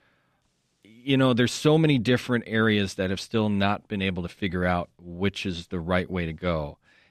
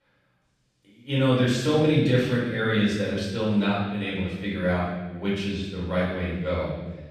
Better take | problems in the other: first | room echo; strong; dies away in 1.2 s // off-mic speech; far

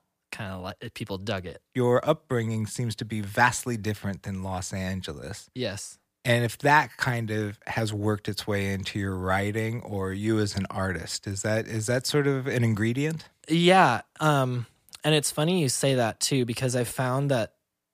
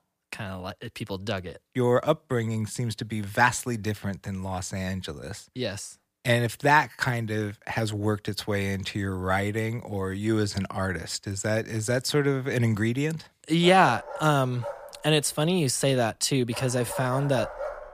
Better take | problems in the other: first | dog barking; noticeable; from 14 s on; peak 7 dB below the speech

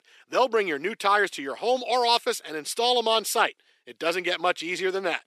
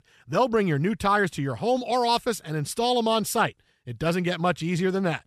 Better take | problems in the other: second | thin; somewhat; fading below 300 Hz

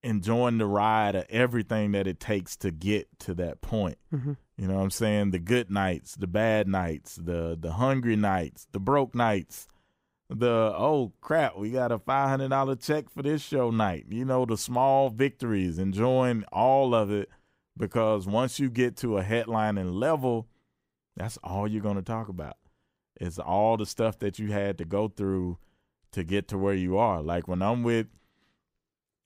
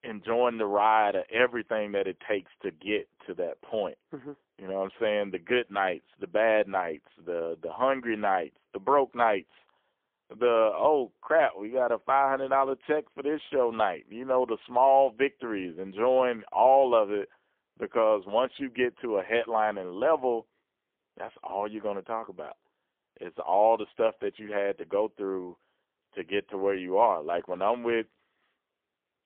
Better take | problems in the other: first | phone-call audio; poor line; nothing above 3.5 kHz

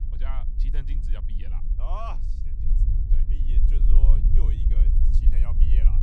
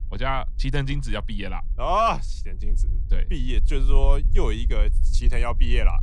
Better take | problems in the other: second | low rumble; loud; throughout; 3 dB below the speech; faint in the second

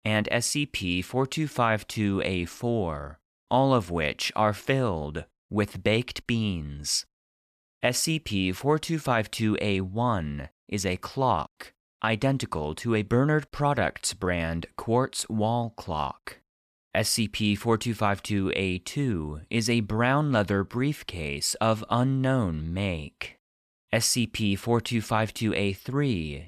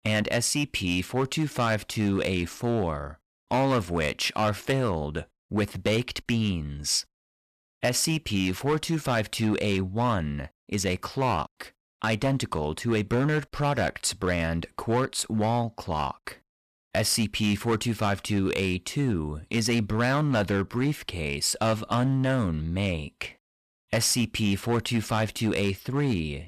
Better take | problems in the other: first | distortion; slight; 7% of the sound clipped

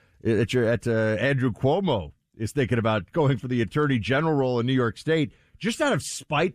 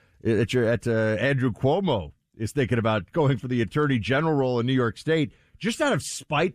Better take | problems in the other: neither | none

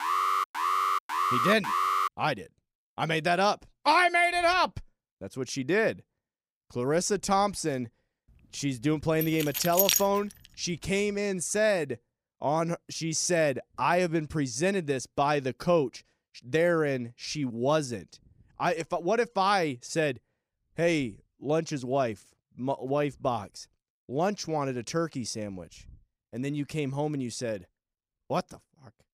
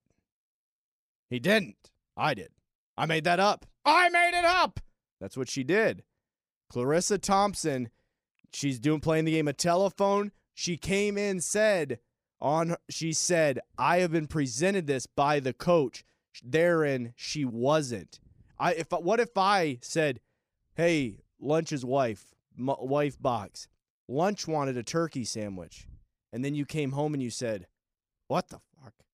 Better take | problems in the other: second | alarm; loud; until 2 s; peak 2 dB above the speech // jangling keys; loud; at 9 s; peak 5 dB above the speech

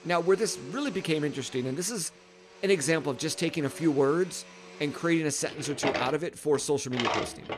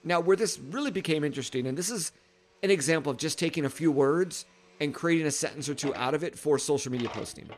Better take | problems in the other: second | household noises; loud; throughout; 9 dB below the speech; faint in the second

